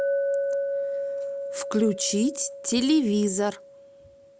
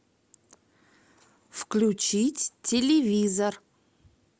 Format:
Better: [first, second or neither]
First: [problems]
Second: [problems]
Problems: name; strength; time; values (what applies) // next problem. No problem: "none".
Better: second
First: background sound (Chink, clink); 4 dB below the speech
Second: none